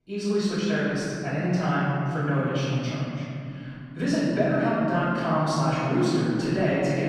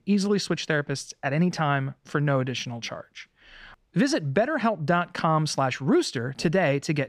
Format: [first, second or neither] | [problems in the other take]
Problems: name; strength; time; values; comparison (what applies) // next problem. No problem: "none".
second | off-mic speech; far // room echo; strong; dies away in 3 s